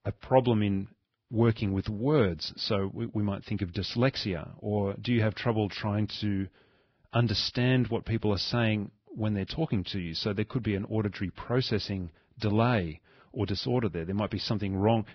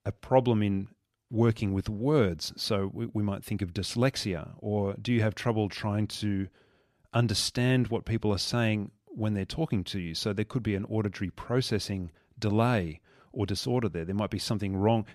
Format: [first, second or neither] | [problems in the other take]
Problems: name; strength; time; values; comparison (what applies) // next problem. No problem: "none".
second | garbled, watery; badly; nothing above 5.5 kHz